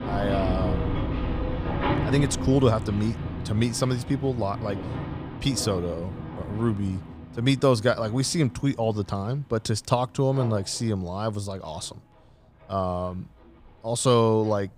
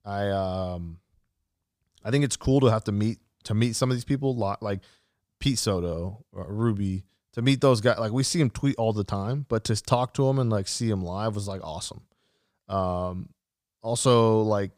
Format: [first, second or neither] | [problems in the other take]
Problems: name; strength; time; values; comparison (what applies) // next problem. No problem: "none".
second | machinery noise; loud; throughout; 6 dB below the speech